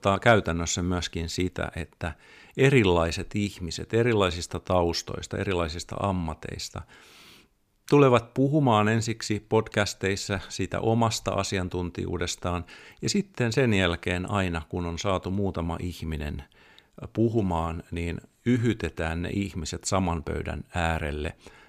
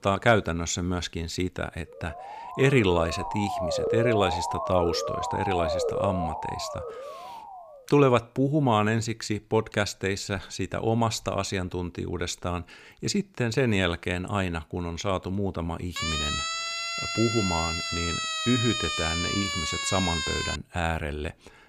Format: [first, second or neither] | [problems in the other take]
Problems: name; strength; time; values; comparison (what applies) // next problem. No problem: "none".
first | siren; loud; from 2 to 7.5 s and from 16 to 21 s; peak 1 dB above the speech